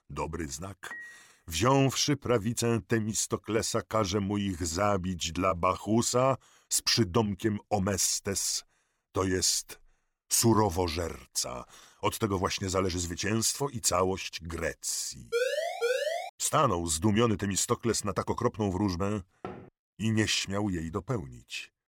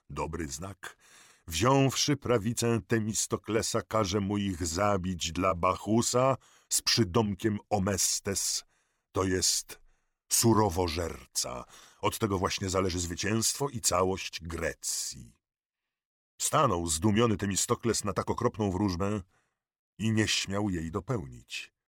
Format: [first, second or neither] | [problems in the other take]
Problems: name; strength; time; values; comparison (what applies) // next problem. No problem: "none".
second | clattering dishes; faint; at 1 s; peak 15 dB below the speech // siren; noticeable; at 15 s; peak 1 dB below the speech // door banging; faint; at 19 s; peak 15 dB below the speech